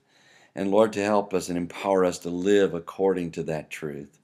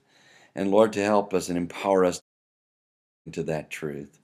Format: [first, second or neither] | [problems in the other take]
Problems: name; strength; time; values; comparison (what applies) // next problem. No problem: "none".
first | audio cutting out; at 2 s for 1 s